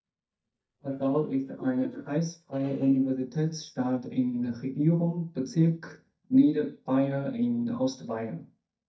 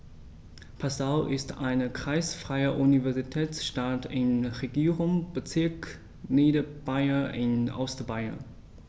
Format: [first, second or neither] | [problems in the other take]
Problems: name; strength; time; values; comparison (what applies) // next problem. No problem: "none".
second | noise reduction (neural mask model DeepFilterNet 3)